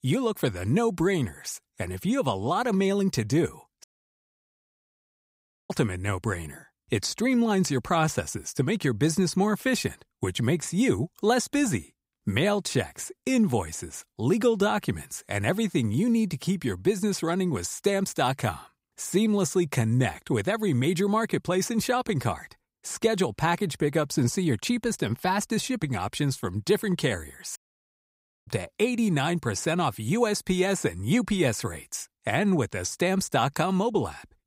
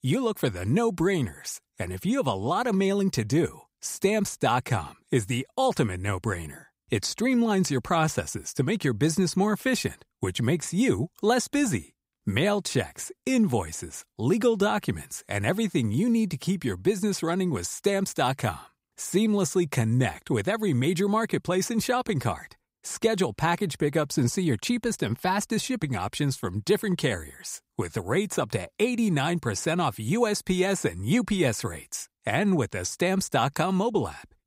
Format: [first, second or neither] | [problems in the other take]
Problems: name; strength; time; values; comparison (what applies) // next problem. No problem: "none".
second | audio cutting out; at 4 s for 2 s and at 28 s for 1 s